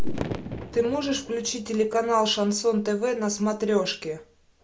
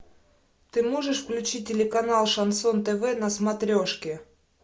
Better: second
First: background sound (Fireworks); 7 dB below the speech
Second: none

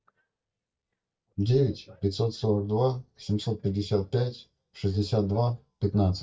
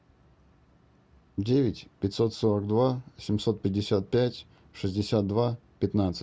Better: second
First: noise reduction (neural mask model DeepFilterNet 3)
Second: none

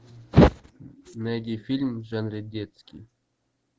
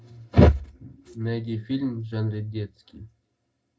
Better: first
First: none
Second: room echo; dies away in 0.2 s

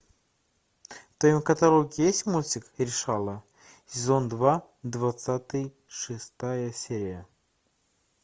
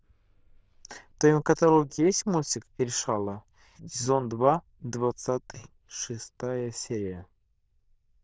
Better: first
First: none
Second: noise reduction (neural diffusion model UNIVERSE++)

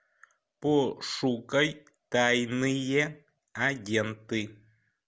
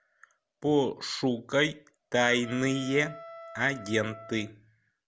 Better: first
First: none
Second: background sound (Wind instrument, woodwind instrument); 16 dB below the speech

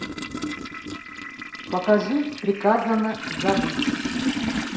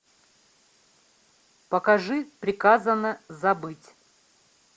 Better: second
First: background sound (Toilet flush); 3 dB below the speech // room echo; dies away in 0.6 s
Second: none

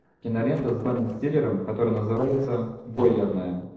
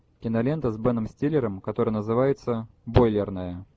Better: second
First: noise reduction (neural separator model SepFormer DNS4)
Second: none

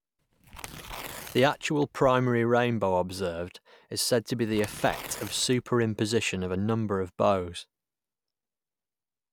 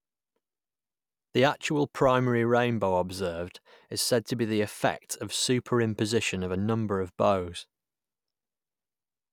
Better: second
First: background sound (Tearing); 15 dB below the speech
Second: none

